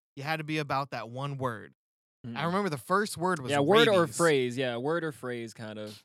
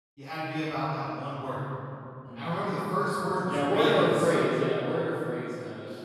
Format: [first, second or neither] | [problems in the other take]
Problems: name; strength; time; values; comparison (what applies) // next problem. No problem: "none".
first | room echo; strong; dies away in 2.5 s // off-mic speech; far